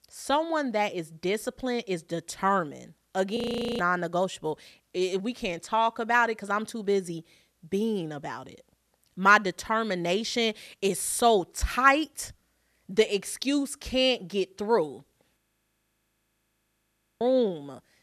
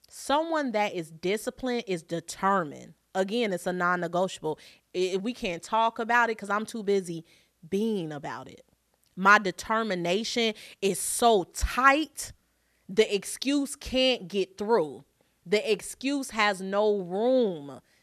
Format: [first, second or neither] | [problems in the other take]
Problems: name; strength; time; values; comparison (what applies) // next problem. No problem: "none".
second | audio freezing; at 3.5 s and at 15 s for 2 s